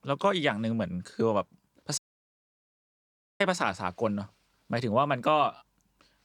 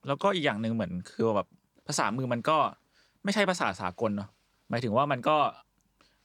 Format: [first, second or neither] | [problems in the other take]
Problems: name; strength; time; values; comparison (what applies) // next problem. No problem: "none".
second | audio cutting out; at 2 s for 1.5 s